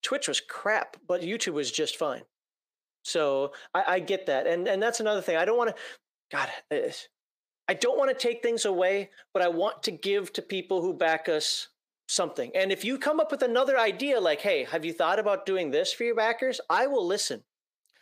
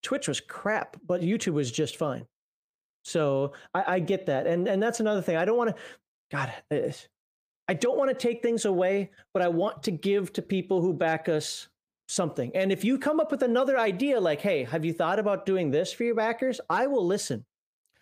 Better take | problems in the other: second | thin; somewhat; fading below 400 Hz

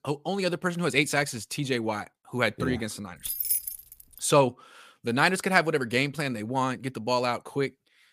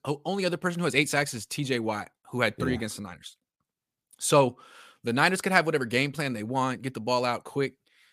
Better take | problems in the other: second | jangling keys; loud; at 3.5 s; peak 1 dB above the speech

